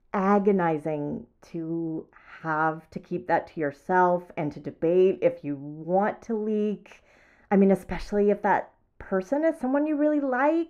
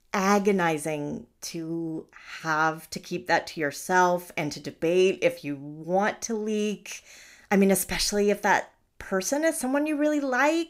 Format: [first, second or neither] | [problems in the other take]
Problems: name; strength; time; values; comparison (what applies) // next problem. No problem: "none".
second | muffled; very; fading above 2.5 kHz